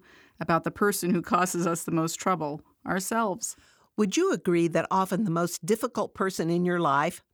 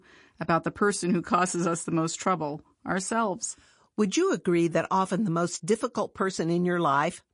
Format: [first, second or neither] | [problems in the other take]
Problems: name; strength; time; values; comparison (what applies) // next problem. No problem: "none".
first | garbled, watery; slightly; nothing above 10.5 kHz